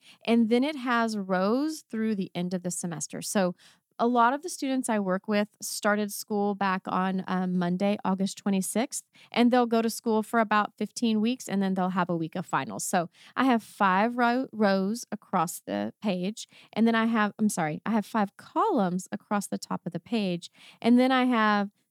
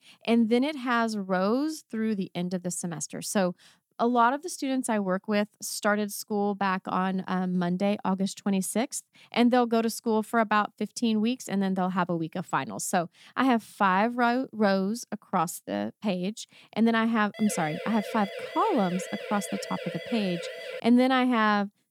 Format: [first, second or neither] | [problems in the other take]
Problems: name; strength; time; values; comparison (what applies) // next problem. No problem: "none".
first | siren; noticeable; from 17 to 21 s; peak 10 dB below the speech